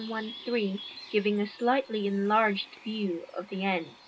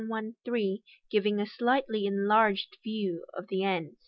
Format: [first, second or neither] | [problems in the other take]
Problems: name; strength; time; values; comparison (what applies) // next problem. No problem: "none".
second | background sound (Bird); 19 dB below the speech // room echo; dies away in 0.2 s